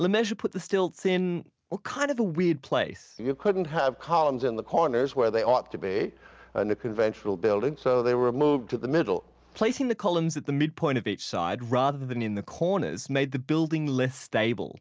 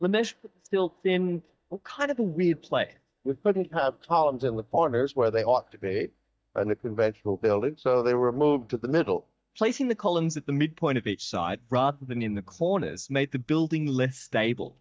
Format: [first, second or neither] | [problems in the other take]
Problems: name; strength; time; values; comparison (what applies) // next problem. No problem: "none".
first | noise reduction (neural mask model DeepFilterNet 3)